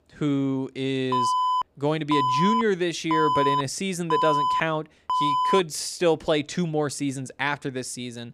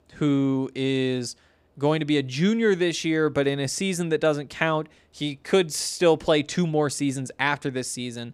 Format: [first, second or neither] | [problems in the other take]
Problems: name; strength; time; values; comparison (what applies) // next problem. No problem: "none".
second | alarm; loud; from 1 to 5.5 s; peak 4 dB above the speech